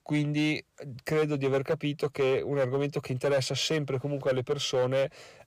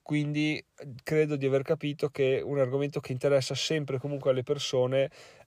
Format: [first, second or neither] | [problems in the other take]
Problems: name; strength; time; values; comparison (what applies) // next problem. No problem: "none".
second | distortion; slight; 8% of the sound clipped